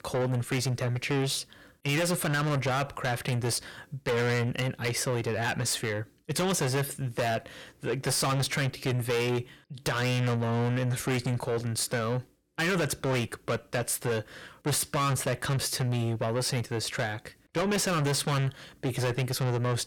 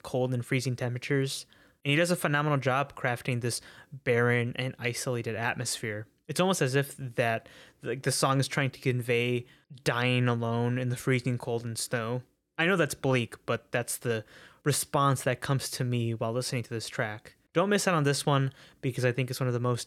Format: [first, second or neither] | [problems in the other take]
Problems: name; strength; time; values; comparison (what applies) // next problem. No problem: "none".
second | distortion; heavy; 6 dB below the speech